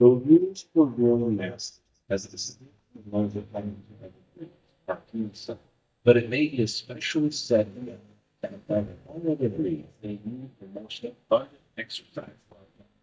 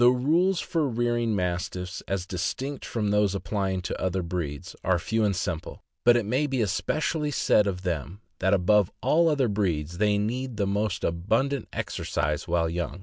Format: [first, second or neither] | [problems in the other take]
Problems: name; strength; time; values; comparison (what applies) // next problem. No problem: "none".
second | noise reduction (neural mask model DeepFilterNet 3)